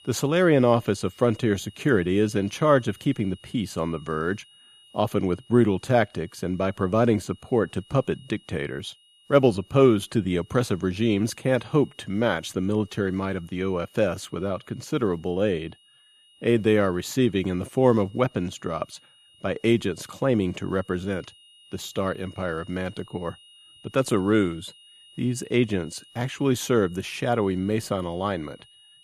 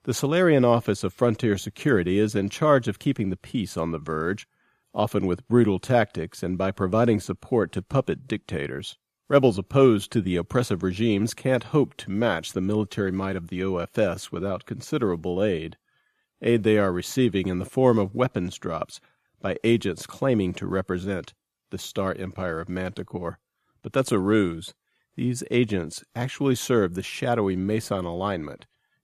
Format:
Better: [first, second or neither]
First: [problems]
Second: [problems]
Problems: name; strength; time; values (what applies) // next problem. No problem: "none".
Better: second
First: high-pitched whine; faint; throughout; 3 kHz, 25 dB below the speech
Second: none